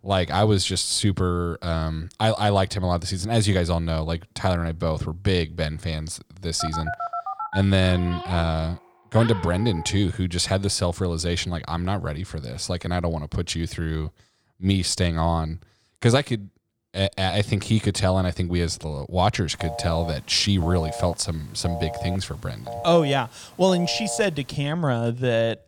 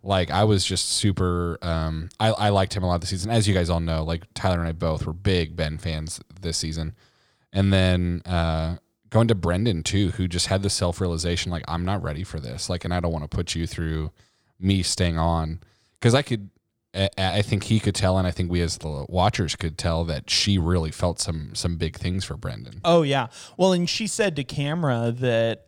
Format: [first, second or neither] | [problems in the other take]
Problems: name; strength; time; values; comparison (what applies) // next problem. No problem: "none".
second | phone ringing; noticeable; from 6.5 to 10 s and from 20 to 24 s; peak 6 dB below the speech